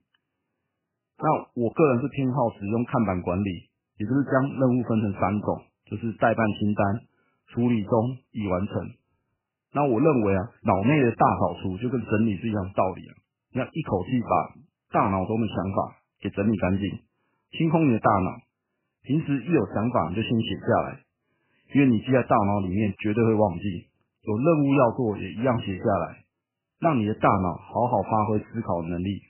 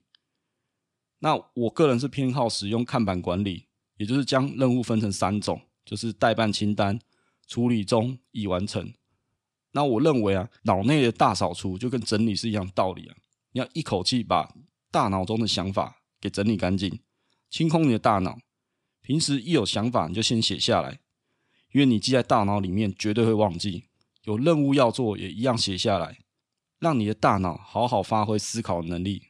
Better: second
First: garbled, watery; badly; nothing above 3 kHz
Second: none

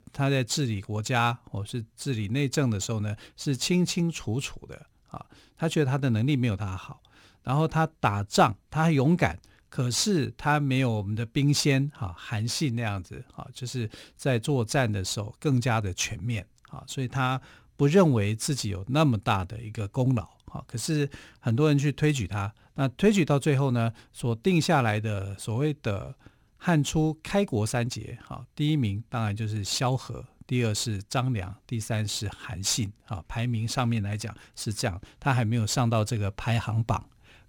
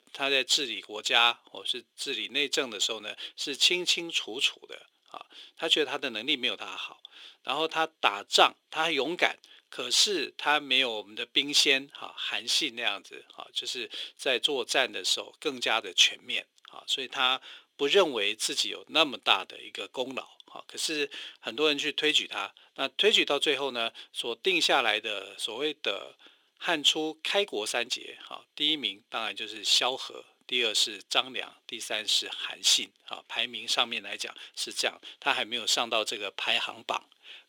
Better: first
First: none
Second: thin; very; fading below 350 Hz

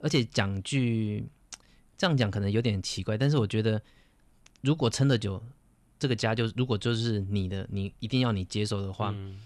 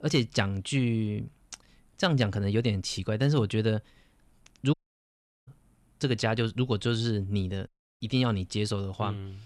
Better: first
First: none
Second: audio cutting out; at 4.5 s for 0.5 s and at 7.5 s

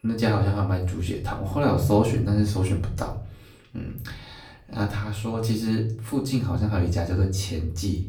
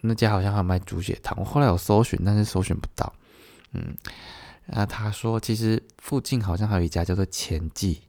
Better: second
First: off-mic speech; far // room echo; slight; dies away in 0.5 s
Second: none

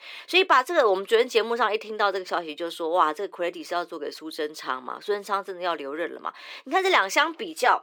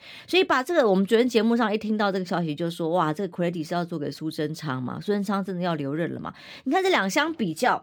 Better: second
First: thin; very; fading below 400 Hz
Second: none

